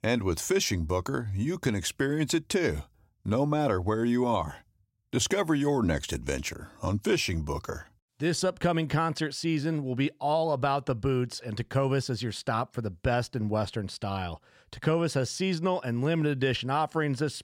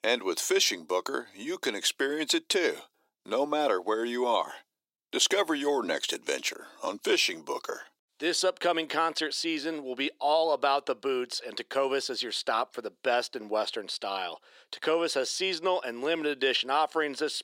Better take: first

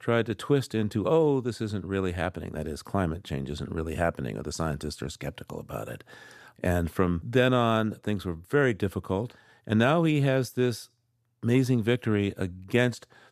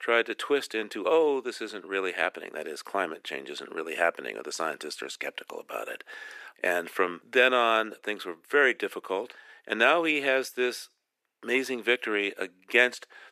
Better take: first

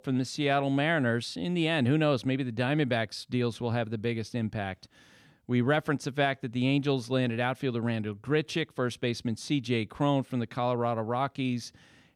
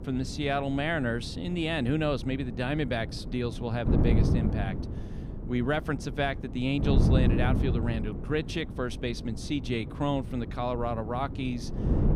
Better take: first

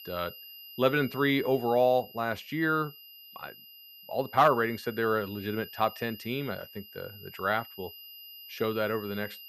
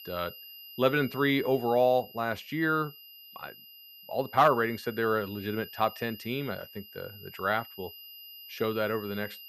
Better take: neither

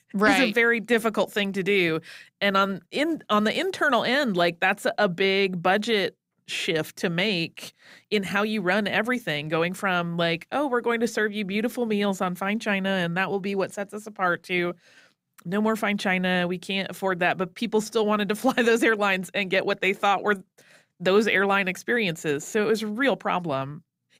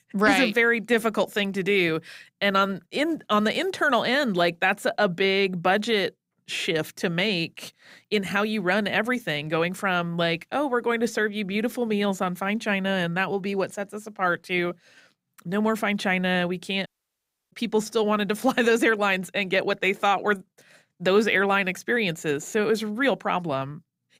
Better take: first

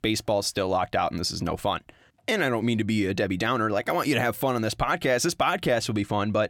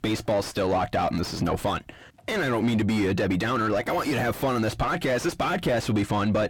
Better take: first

